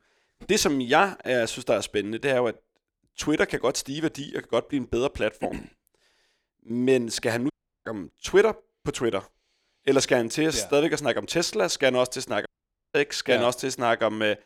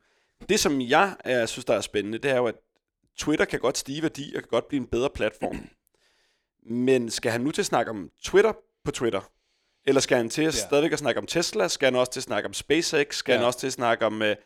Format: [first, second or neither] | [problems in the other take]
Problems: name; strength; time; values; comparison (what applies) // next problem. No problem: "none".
second | audio cutting out; at 7.5 s and at 12 s